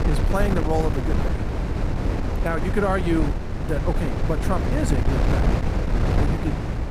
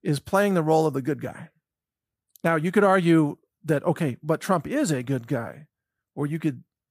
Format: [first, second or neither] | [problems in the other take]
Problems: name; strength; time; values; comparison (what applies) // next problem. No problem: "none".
second | wind noise on the microphone; heavy; 3 dB below the speech